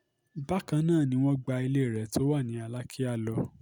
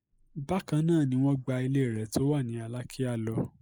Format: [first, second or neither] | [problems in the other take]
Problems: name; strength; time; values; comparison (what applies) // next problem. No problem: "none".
first | noise reduction (neural mask model Resemble Enhance denoiser)